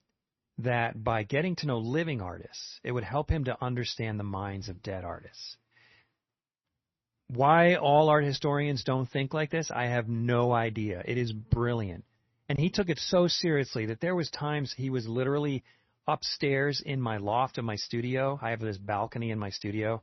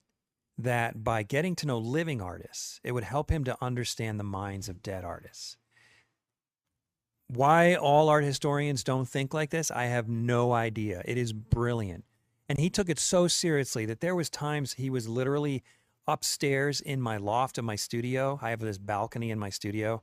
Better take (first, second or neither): second